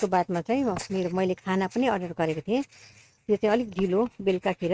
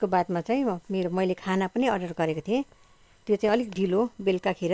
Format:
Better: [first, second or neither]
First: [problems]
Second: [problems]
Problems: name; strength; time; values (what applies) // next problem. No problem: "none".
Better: second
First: noise reduction (neural mask model RNNoise)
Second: none